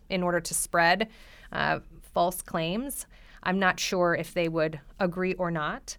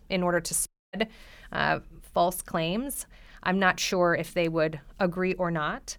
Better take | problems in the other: first | audio cutting out; at 0.5 s

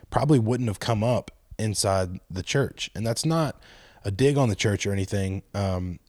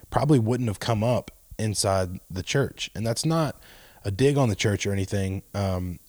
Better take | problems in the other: first | hiss; faint; throughout; 30 dB below the speech

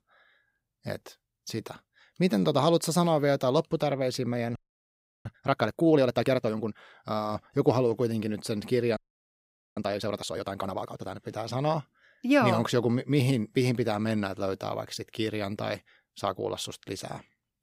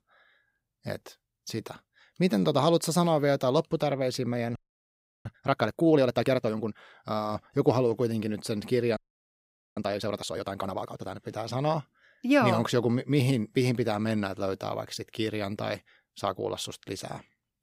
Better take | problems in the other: neither | audio freezing; at 4.5 s for 0.5 s and at 9 s for 1 s; the same in both

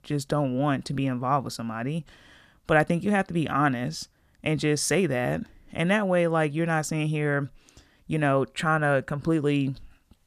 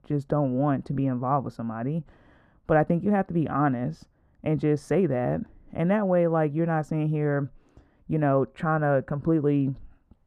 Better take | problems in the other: first | muffled; very; fading above 2 kHz

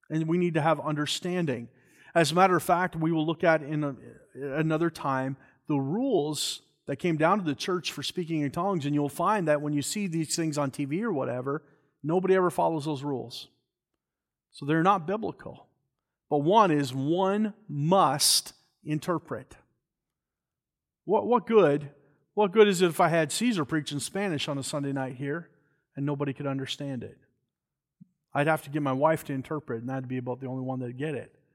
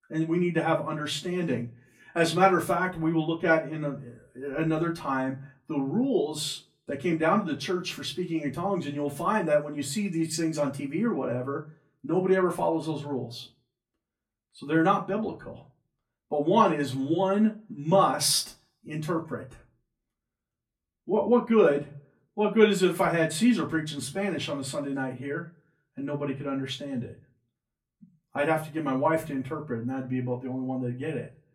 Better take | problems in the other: first | off-mic speech; far // room echo; very slight; dies away in 0.2 s

